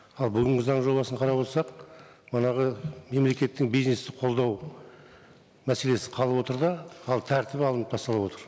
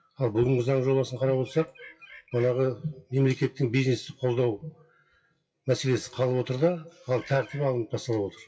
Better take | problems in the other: first | noise reduction (classical method WPE with log-MMSE)

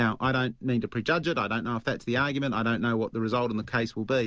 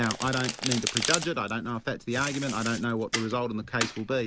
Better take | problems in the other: first | background sound (Domestic sounds, home sounds); 5 dB below the speech

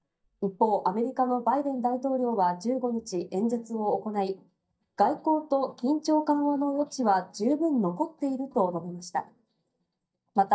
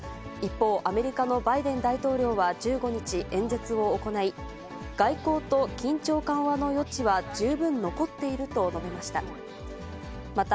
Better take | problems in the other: second | noise reduction (neural mask model DeepFilterNet 3)

